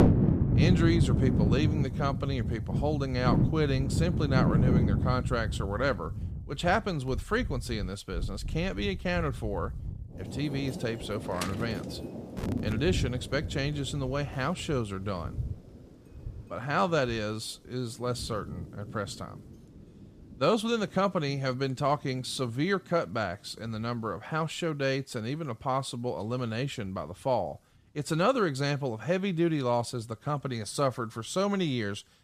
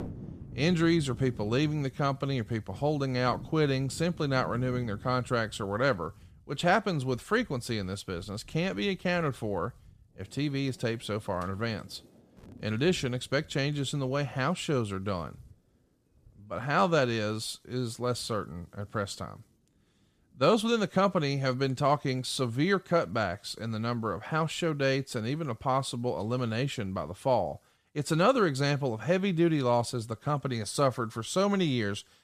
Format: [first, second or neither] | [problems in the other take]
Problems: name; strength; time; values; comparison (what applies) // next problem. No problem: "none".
second | rain or running water; loud; throughout; 1 dB below the speech; faint in the second